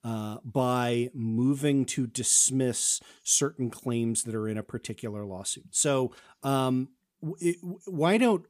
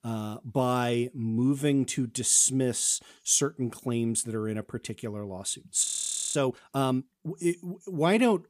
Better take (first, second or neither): first